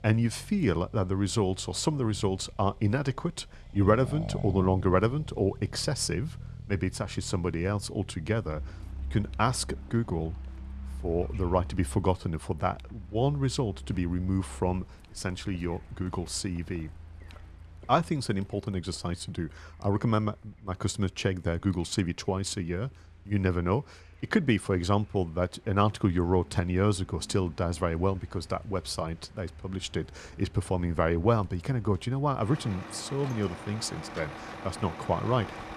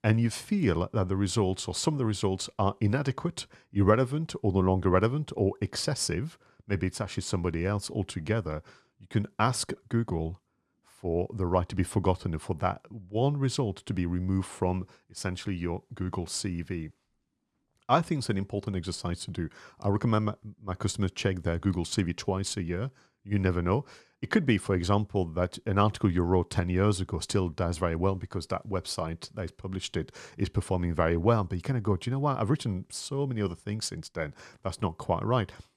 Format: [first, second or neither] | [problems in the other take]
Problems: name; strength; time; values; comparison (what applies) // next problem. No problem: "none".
second | traffic noise; noticeable; throughout; 15 dB below the speech